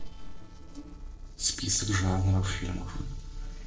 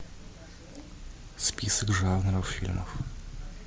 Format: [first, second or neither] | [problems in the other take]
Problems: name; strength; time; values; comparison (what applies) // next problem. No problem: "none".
second | noise reduction (neural separator model SepFormer DNS4)